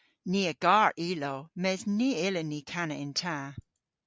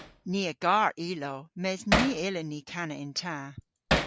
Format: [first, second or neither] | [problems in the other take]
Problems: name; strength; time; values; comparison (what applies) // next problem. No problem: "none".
first | background sound (Hammer); 3 dB below the speech